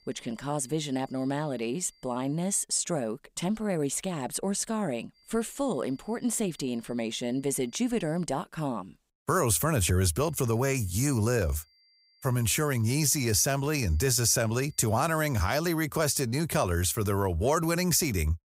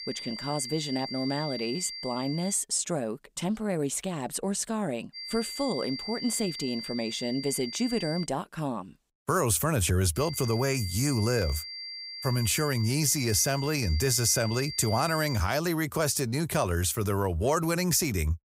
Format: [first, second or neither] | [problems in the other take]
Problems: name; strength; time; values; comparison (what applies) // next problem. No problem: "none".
first | high-pitched whine; loud; until 2.5 s, from 5 to 8 s and from 10 to 15 s; 4.5 kHz, 9 dB below the speech; faint in the first